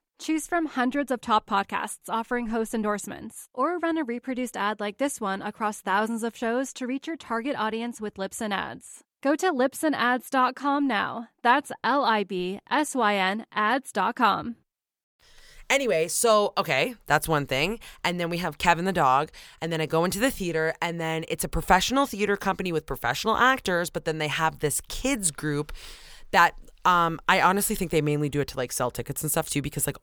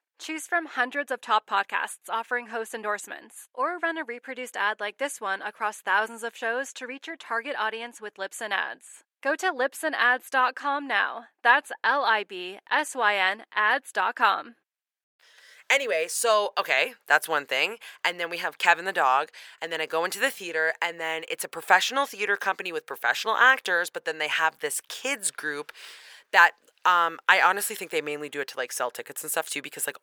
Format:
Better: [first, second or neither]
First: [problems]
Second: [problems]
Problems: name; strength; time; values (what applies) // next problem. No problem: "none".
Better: first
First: none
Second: thin; very; fading below 550 Hz